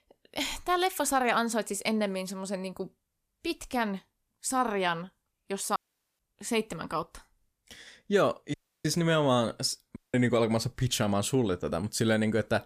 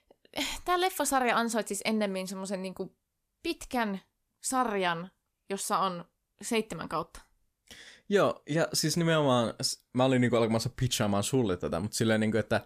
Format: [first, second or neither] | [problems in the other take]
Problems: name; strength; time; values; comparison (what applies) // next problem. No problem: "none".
second | audio cutting out; at 6 s, at 8.5 s and at 10 s